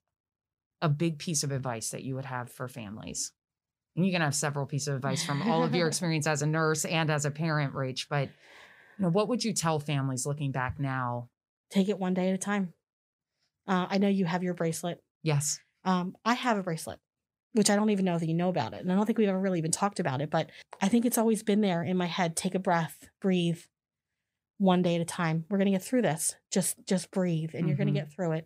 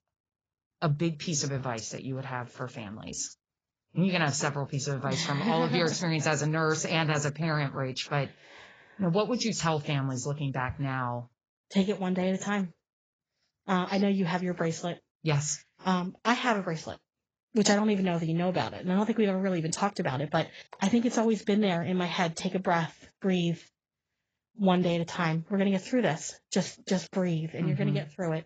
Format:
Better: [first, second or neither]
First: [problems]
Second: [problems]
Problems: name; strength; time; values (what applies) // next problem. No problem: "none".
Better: first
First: none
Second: garbled, watery; badly; nothing above 7.5 kHz